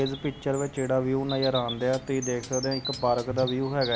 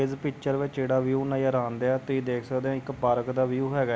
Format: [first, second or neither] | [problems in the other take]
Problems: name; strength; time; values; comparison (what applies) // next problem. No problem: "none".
second | background sound (Bird vocalization, bird call, bird song + Hi-hat); 11 dB below the speech